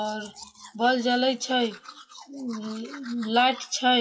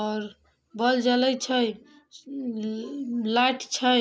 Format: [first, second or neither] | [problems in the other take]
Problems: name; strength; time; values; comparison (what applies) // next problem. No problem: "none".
second | noise reduction (classical method WPE with log-MMSE)